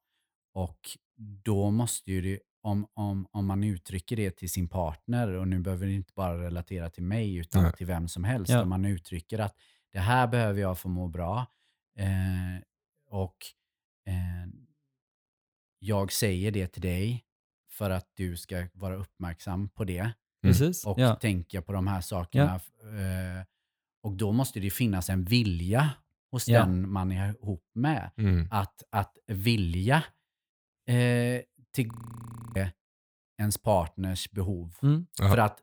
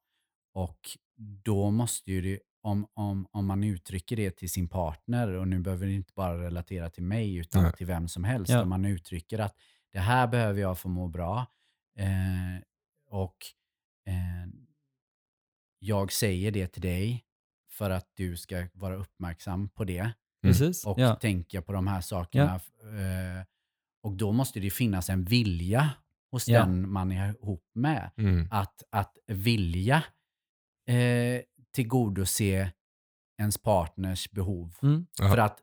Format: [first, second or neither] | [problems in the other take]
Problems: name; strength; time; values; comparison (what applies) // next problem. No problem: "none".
second | audio freezing; at 32 s for 0.5 s